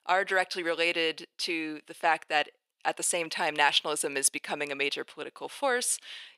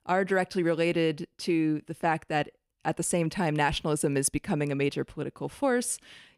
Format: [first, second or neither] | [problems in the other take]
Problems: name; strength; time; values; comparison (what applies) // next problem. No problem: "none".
second | thin; very; fading below 600 Hz